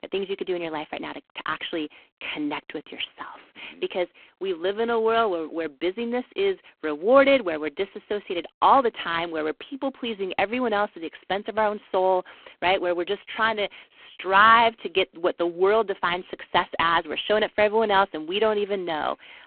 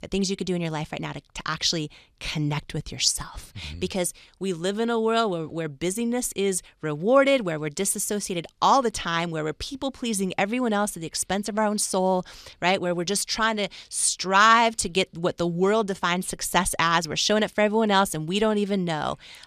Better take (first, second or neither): second